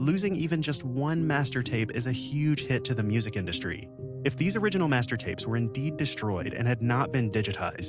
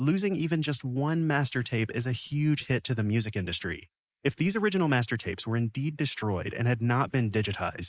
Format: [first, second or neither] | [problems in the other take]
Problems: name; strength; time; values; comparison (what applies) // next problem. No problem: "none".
first | noise reduction (neural mask model Resemble Enhance denoiser)